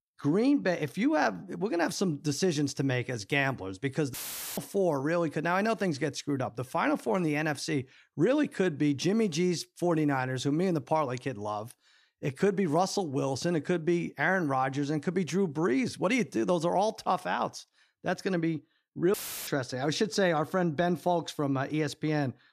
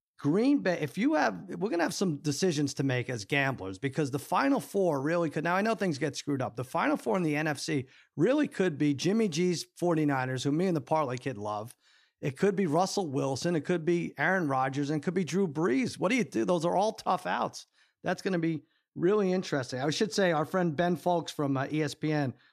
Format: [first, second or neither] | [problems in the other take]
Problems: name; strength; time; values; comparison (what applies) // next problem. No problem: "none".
second | audio cutting out; filled with static; at 4 s and at 19 s